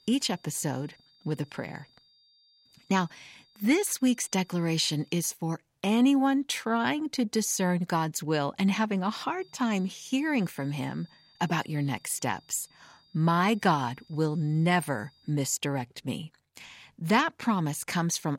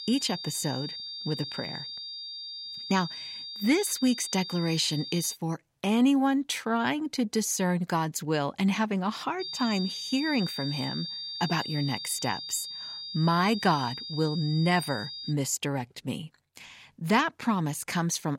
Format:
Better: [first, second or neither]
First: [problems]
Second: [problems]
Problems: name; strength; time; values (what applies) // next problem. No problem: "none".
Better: first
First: high-pitched whine; faint; until 5.5 s and from 9.5 to 15 s; 4.5 kHz, 30 dB below the speech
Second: high-pitched whine; loud; until 5.5 s and from 9.5 to 15 s; 4.5 kHz, 7 dB below the speech